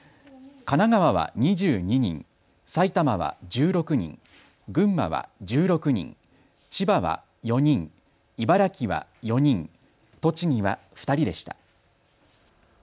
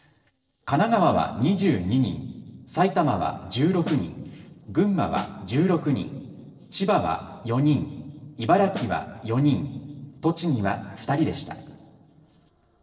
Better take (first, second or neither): first